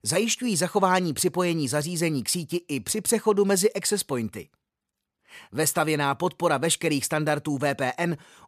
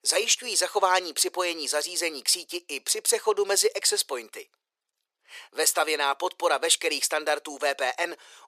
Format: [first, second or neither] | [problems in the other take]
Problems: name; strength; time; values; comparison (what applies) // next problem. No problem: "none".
first | thin; very; fading below 400 Hz